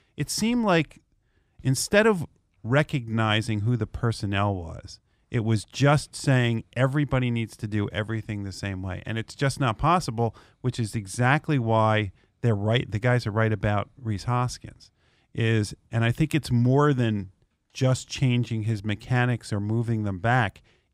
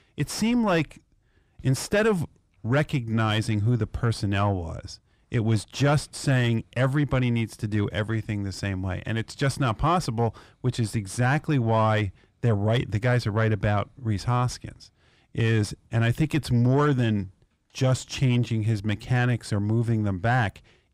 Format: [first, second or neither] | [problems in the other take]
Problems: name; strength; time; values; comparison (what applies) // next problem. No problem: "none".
first | distortion; slight; 10 dB below the speech